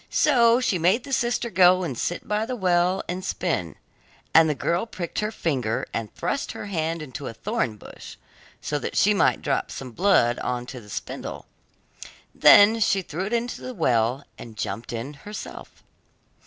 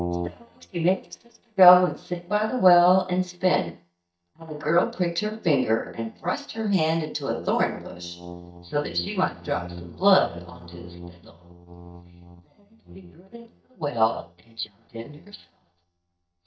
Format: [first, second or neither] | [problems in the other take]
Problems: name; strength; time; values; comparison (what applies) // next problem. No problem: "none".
first | noise reduction (neural mask model DeepFilterNet 3)